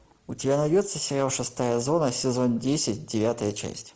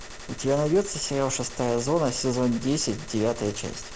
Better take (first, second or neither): first